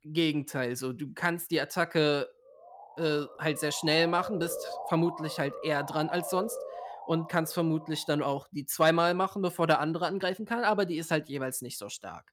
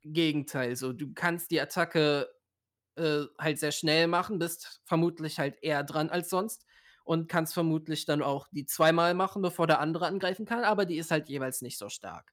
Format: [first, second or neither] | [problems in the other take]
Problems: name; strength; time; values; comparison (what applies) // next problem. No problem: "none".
second | siren; noticeable; from 2.5 to 8 s; peak 8 dB below the speech